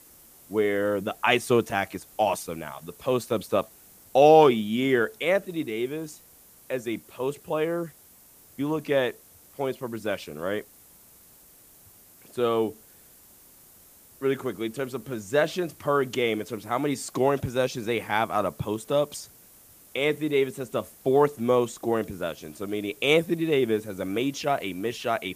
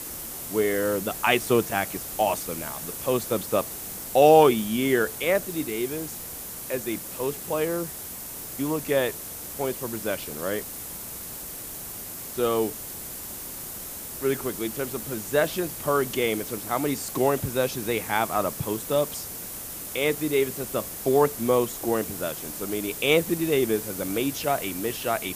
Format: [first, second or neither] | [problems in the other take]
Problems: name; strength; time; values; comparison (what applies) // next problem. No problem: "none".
first | hiss; loud; throughout; 8 dB below the speech; faint in the first